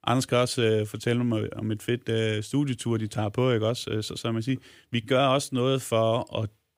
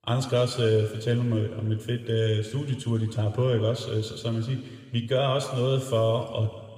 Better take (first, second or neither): first